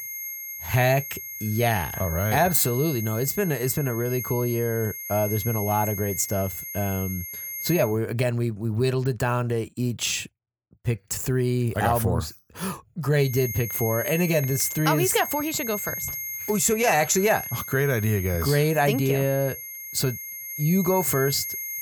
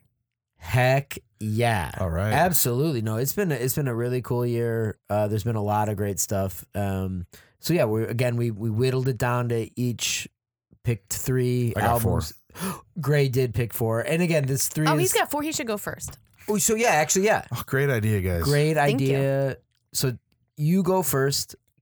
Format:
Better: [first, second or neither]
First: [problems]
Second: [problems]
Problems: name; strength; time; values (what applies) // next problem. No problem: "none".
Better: second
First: high-pitched whine; loud; until 8 s and from 13 s on; 11.5 kHz, 7 dB below the speech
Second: none